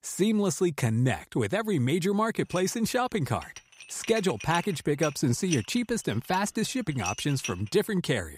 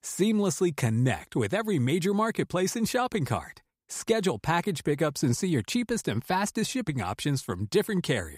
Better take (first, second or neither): second